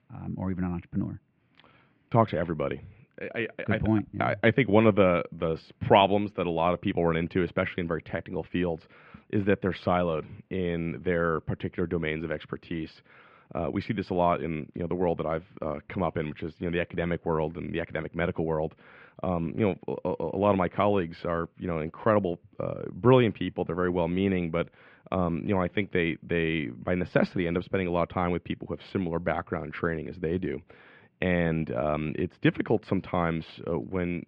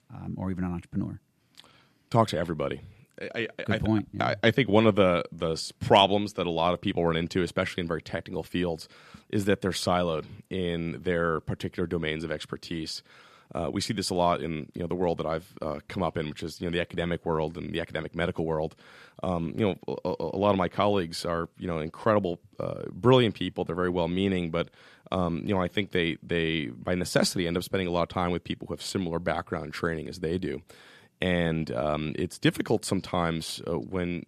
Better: second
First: muffled; very; fading above 2.5 kHz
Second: none

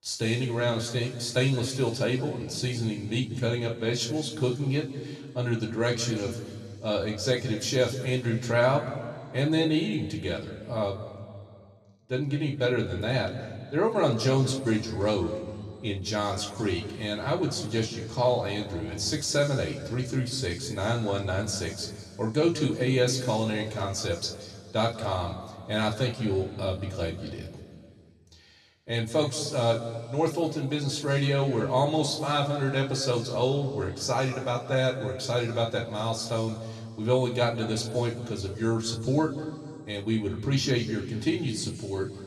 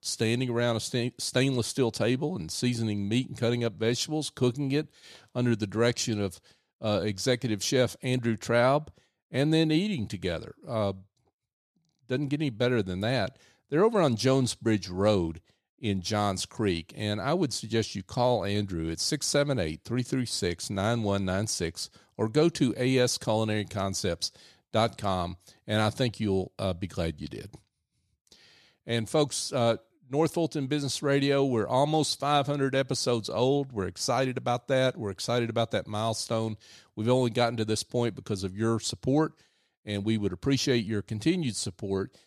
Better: second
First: room echo; slight; dies away in 2.1 s // off-mic speech; somewhat distant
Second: none

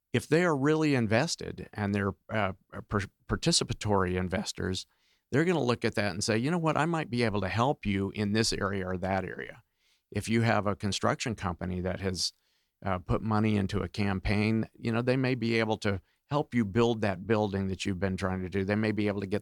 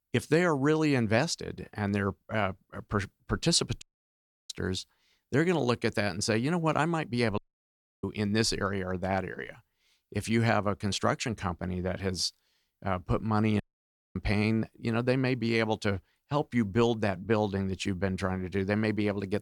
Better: first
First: none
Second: audio cutting out; at 4 s for 0.5 s, at 7.5 s for 0.5 s and at 14 s for 0.5 s

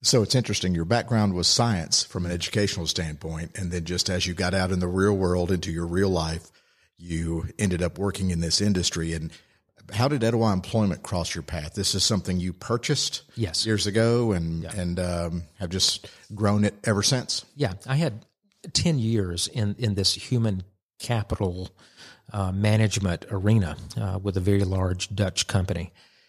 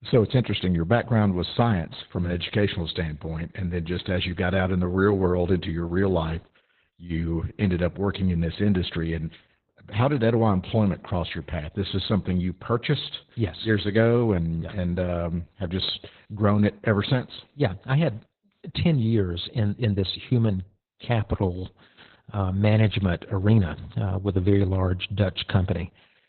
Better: first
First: none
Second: garbled, watery; badly; nothing above 4 kHz

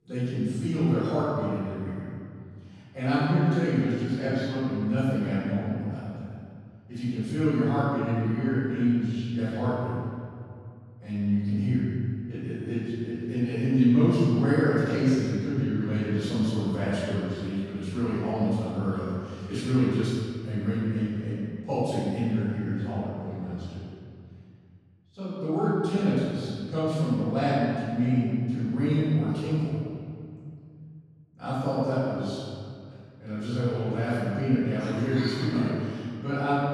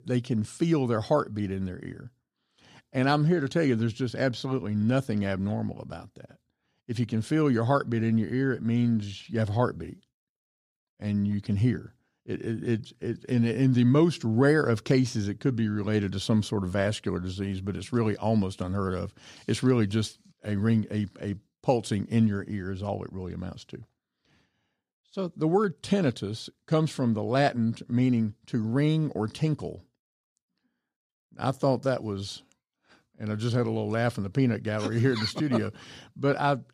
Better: second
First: off-mic speech; far // room echo; strong; dies away in 2.1 s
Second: none

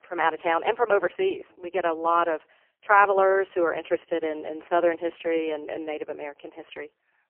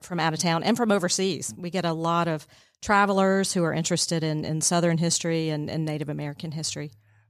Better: second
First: phone-call audio; poor line; nothing above 3 kHz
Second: none

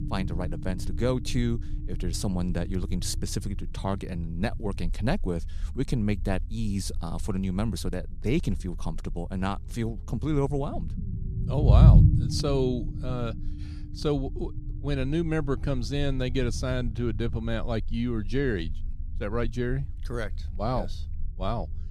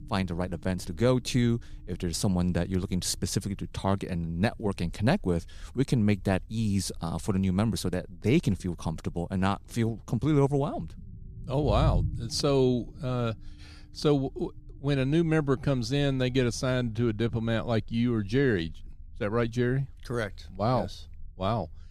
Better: second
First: low rumble; loud; throughout; 8 dB below the speech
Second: low rumble; faint; throughout; 25 dB below the speech

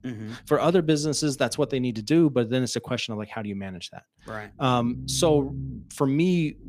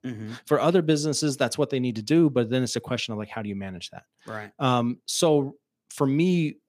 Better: second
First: low rumble; faint; until 2.5 s and from 4 s on; 20 dB below the speech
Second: none

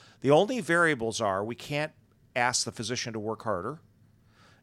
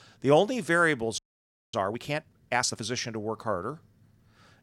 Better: first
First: none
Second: audio freezing; at 1 s for 0.5 s

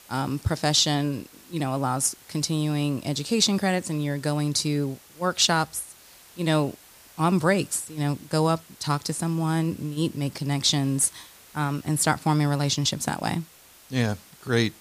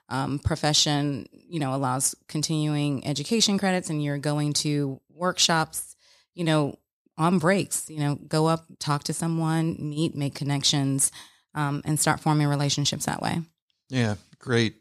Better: second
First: hiss; faint; throughout; 25 dB below the speech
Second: none

